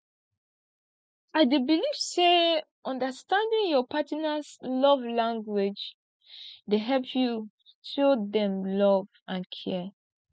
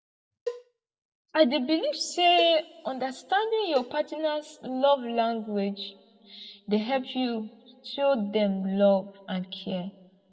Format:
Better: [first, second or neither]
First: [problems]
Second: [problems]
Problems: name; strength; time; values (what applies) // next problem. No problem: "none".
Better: first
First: none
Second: background sound (Cowbell); 14 dB below the speech // room echo; dies away in 1.1 s